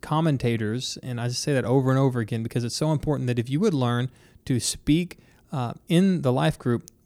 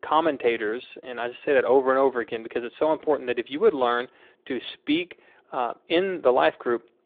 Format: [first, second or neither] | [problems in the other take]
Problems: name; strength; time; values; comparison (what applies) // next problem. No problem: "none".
first | phone-call audio; nothing above 3.5 kHz